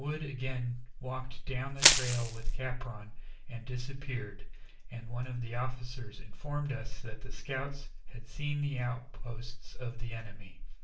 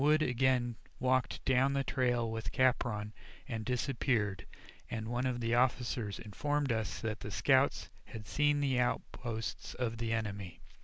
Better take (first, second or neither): second